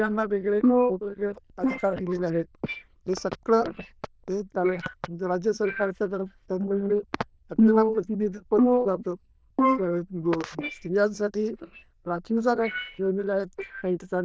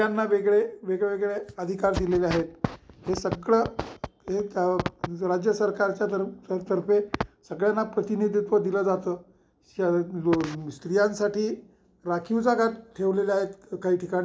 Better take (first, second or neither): second